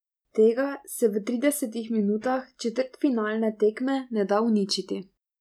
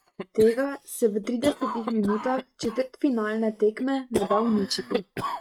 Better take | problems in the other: first | noise reduction (neural mask model RNNoise)

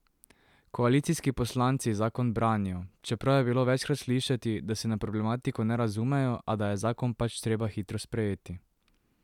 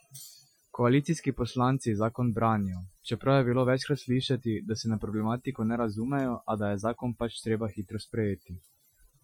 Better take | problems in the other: first | noise reduction (classical method Wiener filter)

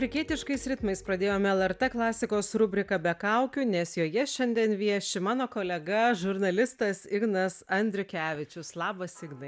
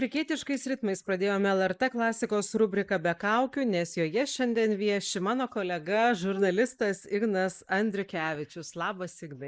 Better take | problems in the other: first | noise reduction (neural mask model Resemble Enhance denoiser)

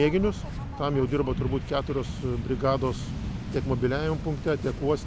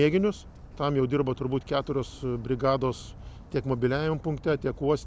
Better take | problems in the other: second | background sound (Waves, surf); 6 dB below the speech

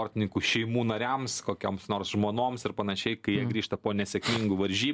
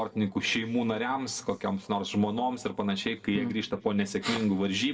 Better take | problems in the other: first | room echo; dies away in 0.7 s

